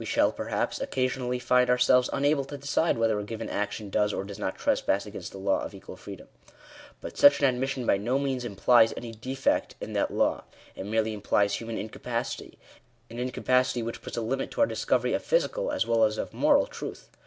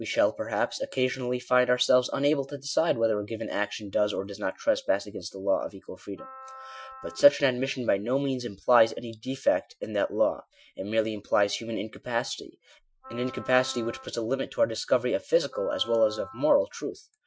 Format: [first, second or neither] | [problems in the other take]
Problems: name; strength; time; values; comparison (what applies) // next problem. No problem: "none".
first | noise reduction (classical method Wiener filter)